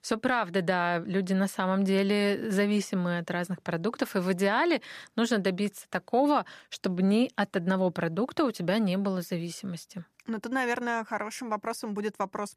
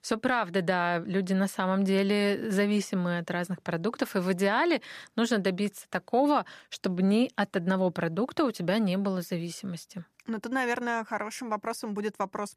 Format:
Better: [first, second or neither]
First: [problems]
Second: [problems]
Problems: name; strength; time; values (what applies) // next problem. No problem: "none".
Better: neither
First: none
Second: none